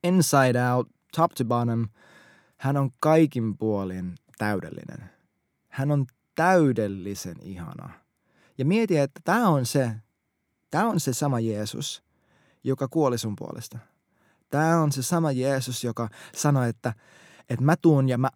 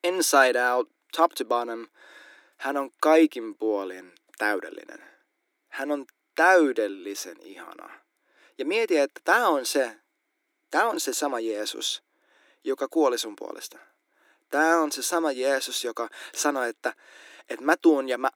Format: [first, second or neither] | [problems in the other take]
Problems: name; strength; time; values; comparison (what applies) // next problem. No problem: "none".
first | thin; somewhat; fading below 300 Hz